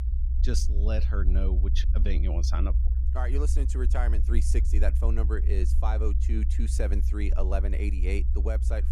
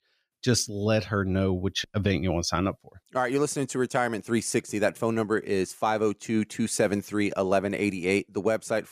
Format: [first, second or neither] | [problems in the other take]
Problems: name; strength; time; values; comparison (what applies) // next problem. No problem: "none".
second | low rumble; loud; throughout; 9 dB below the speech